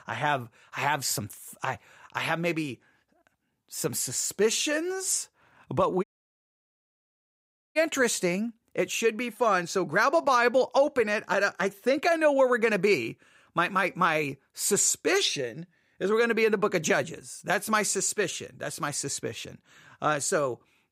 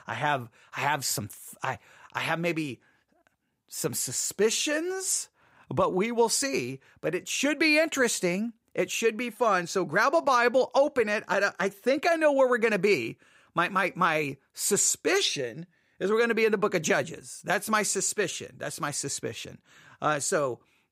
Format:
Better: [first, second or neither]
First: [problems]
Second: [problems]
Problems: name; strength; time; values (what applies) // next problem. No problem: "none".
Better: second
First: audio cutting out; at 6 s for 1.5 s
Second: none